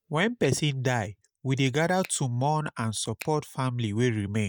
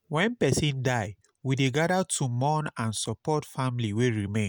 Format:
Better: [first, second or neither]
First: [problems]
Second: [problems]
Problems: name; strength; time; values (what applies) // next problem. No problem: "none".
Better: second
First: noise reduction (neural mask model DeepFilterNet 3)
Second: none